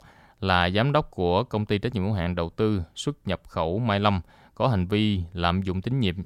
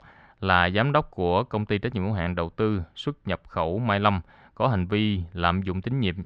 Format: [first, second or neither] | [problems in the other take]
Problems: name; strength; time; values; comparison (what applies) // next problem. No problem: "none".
first | muffled; slightly; fading above 3 kHz